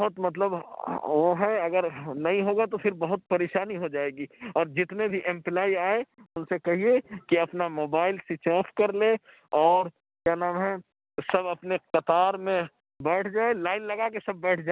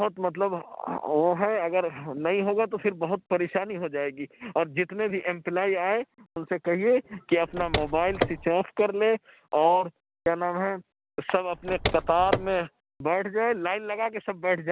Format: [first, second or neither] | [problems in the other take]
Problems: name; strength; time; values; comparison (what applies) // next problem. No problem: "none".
first | background sound (Car); 5 dB below the speech